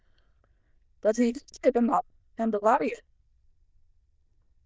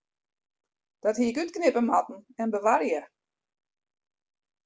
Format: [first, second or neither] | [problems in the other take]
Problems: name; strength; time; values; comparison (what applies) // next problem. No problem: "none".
second | noise reduction (neural diffusion model UNIVERSE++)